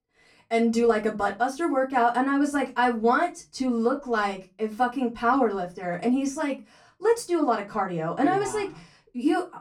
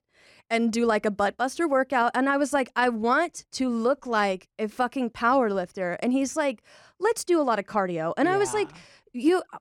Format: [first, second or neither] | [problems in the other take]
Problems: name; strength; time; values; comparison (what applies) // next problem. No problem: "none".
second | off-mic speech; far // room echo; very slight; dies away in 0.2 s